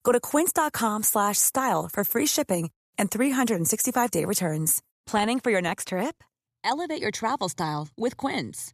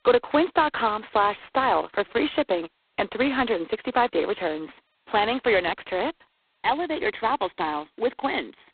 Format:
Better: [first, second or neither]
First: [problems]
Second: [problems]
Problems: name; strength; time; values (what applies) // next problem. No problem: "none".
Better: first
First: none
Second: phone-call audio; poor line; nothing above 4 kHz